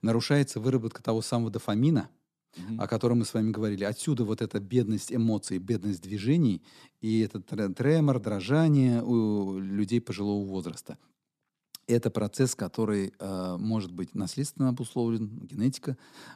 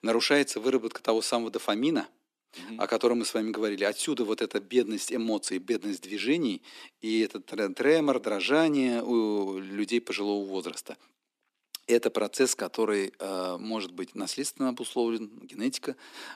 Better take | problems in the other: first | thin; somewhat; fading below 300 Hz

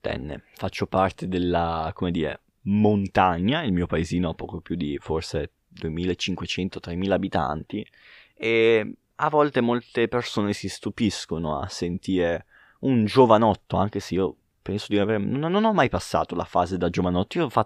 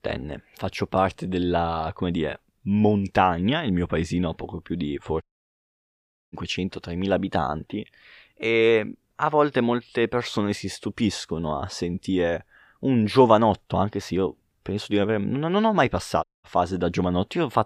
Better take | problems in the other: first | audio cutting out; at 5 s for 1 s and at 16 s

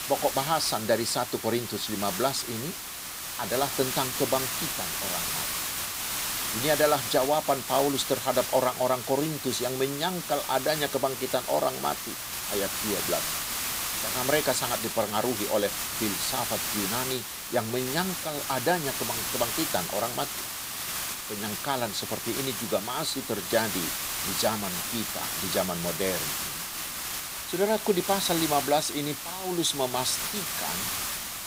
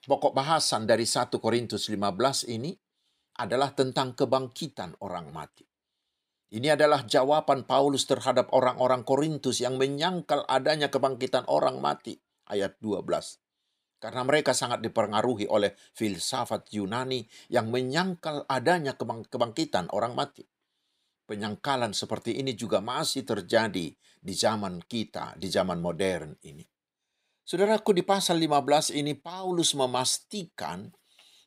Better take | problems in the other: second | hiss; loud; throughout; 1 dB below the speech

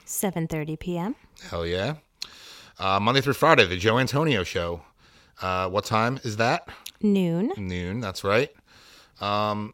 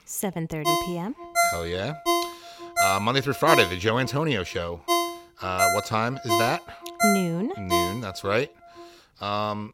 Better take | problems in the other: first | phone ringing; loud; from 0.5 to 8.5 s; peak 3 dB above the speech

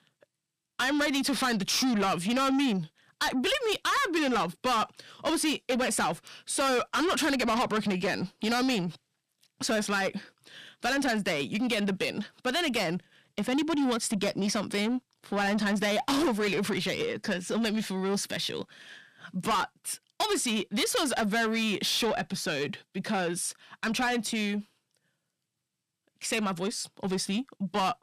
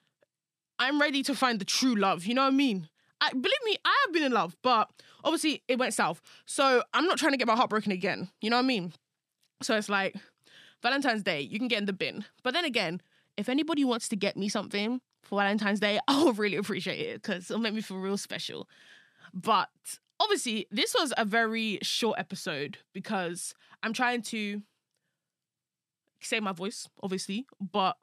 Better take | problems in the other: second | distortion; heavy; 7 dB below the speech

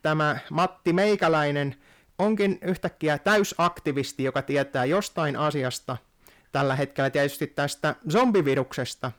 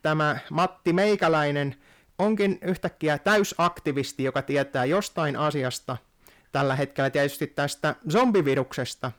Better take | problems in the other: neither | distortion; slight; 10 dB below the speech; the same in both

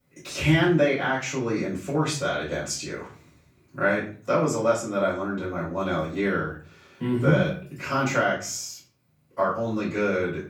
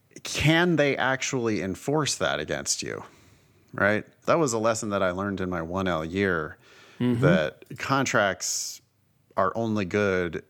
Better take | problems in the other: second | off-mic speech; far // room echo; slight; dies away in 0.4 s

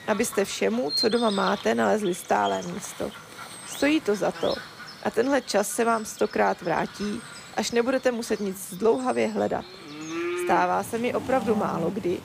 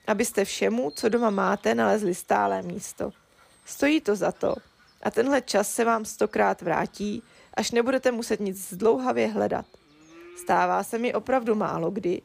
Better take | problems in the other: second | animal sounds; loud; throughout; 10 dB below the speech; faint in the second

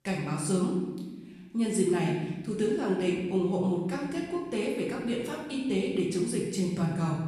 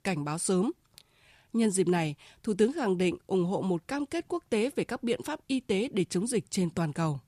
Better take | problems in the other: second | room echo; noticeable; dies away in 1.1 s // off-mic speech; far

